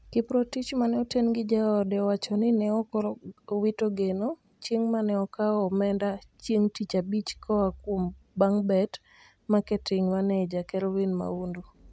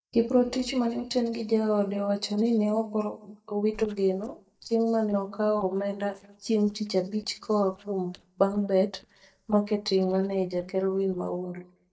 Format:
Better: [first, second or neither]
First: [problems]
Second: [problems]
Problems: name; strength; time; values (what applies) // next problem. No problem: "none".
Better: first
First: none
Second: noise reduction (neural mask model DeepFilterNet 3)